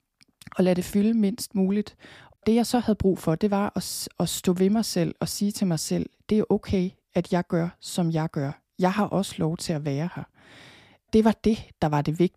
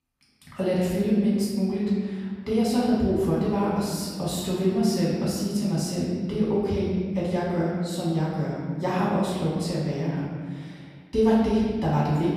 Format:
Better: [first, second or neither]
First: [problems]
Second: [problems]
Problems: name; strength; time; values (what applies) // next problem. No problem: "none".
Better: first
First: none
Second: room echo; strong; dies away in 1.7 s // off-mic speech; far